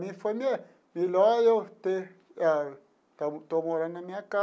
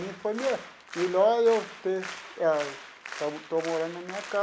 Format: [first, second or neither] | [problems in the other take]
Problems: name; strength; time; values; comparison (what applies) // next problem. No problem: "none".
first | background sound (Applause); 13 dB below the speech